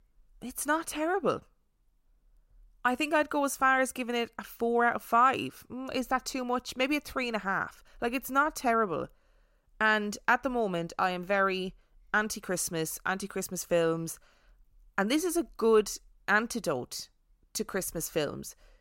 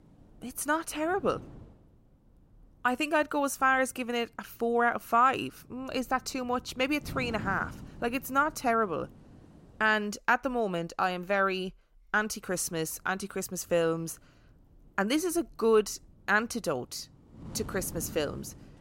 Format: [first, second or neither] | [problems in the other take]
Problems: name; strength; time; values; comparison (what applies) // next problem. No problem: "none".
first | wind noise on the microphone; occasional gusts; until 10 s and from 12 s on; 25 dB below the speech